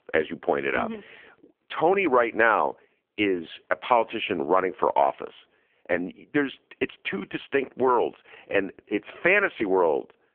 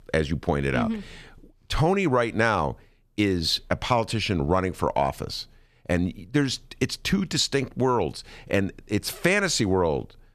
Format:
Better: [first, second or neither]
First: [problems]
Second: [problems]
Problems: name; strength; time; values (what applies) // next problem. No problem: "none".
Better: second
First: phone-call audio; poor line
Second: none